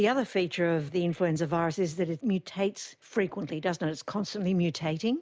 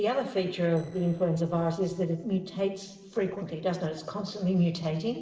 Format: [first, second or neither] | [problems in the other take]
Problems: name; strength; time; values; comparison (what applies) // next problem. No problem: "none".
first | noise reduction (neural separator model SepFormer DNS4)